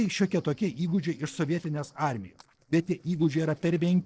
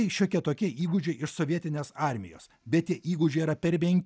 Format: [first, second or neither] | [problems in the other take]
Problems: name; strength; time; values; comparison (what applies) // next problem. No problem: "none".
second | noise reduction (neural separator model SepFormer DNS4)